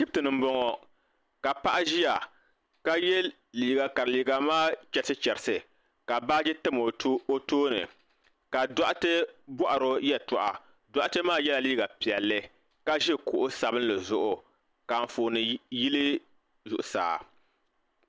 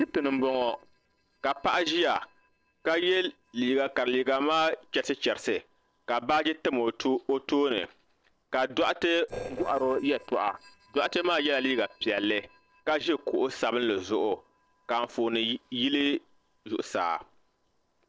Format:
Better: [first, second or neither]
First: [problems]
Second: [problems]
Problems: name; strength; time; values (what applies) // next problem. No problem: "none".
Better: first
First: none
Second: noise reduction (neural separator model SepFormer DNS4)